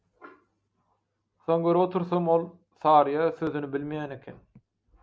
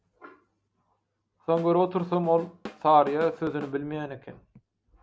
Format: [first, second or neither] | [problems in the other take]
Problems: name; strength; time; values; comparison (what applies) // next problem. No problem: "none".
first | background sound (Drum / Drum kit); 17 dB below the speech